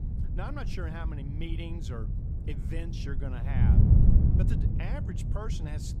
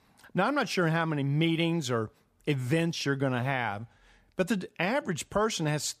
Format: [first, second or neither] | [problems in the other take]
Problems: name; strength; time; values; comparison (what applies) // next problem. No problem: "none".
second | wind noise on the microphone; heavy; 1 dB above the speech